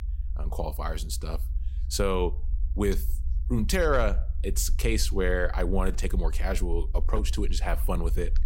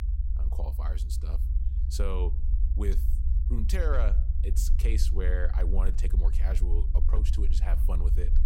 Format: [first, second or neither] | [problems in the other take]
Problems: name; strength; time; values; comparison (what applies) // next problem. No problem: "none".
first | low rumble; loud; throughout; 9 dB below the speech; faint in the first